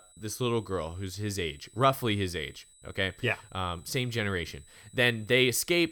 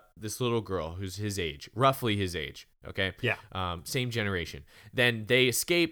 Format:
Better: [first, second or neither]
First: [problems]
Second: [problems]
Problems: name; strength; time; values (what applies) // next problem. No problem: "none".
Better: second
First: high-pitched whine; faint; throughout; 8 kHz, 25 dB below the speech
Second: none